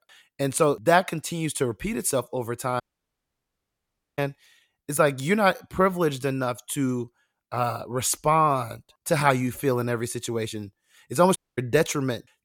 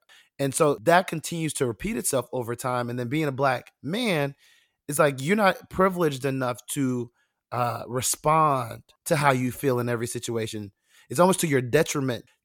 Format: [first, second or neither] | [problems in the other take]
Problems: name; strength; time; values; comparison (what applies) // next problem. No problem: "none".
second | audio cutting out; at 3 s for 1.5 s and at 11 s